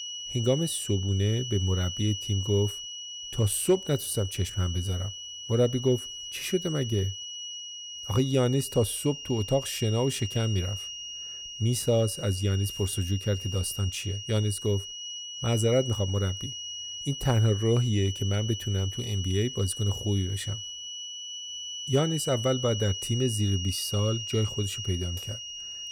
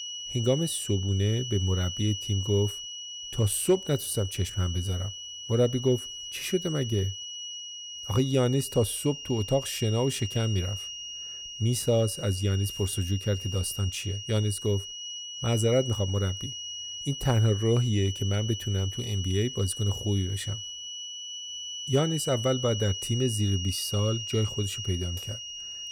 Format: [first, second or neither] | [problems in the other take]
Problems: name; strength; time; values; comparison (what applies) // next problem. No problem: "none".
neither | high-pitched whine; loud; throughout; 3 kHz, 7 dB below the speech; the same in both